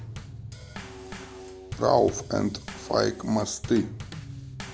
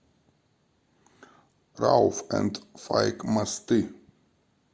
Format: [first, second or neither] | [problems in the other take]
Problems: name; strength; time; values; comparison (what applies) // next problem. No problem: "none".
second | background sound (Bass drum / Snare drum / Drum kit); 11 dB below the speech